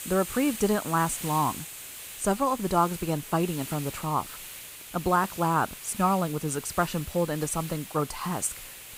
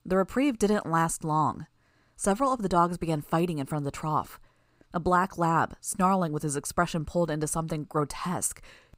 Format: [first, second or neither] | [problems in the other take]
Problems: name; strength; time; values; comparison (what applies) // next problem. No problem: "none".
second | hiss; noticeable; throughout; 10 dB below the speech